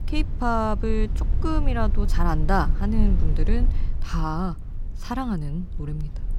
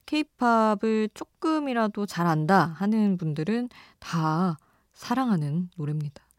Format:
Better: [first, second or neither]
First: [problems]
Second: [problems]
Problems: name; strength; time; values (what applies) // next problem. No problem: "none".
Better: second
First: low rumble; noticeable; throughout; 15 dB below the speech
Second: none